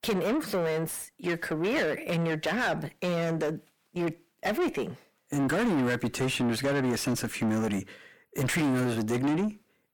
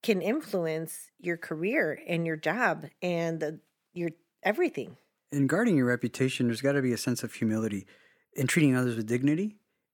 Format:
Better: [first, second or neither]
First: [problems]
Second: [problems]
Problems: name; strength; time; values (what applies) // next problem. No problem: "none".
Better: second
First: distortion; heavy; 5 dB below the speech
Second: none